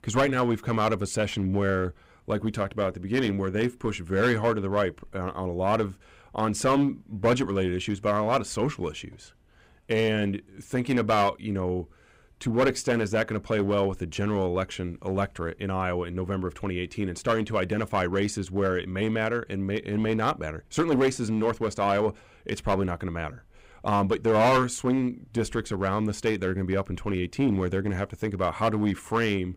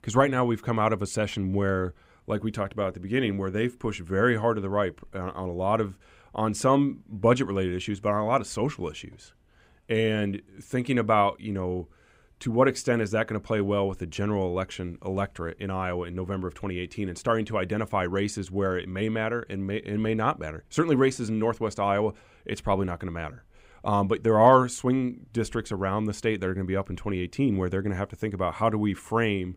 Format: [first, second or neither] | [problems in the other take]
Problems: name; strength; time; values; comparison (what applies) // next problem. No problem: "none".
second | distortion; slight; 5% of the sound clipped